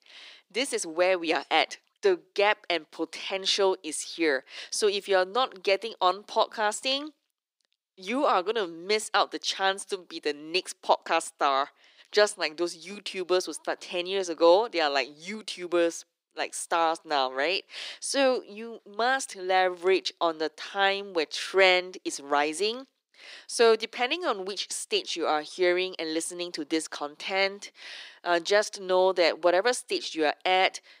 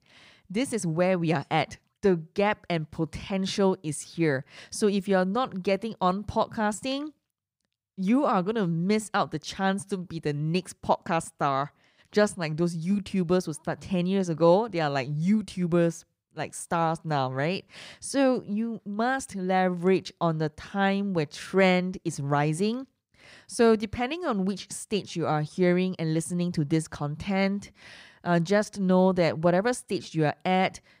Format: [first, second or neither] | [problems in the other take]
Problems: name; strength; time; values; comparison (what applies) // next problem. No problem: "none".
second | thin; very; fading below 300 Hz